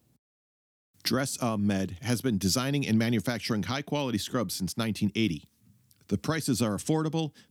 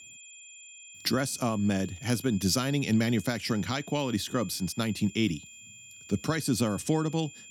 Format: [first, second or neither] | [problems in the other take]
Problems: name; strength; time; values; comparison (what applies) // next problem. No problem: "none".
first | high-pitched whine; noticeable; throughout; 7 kHz, 15 dB below the speech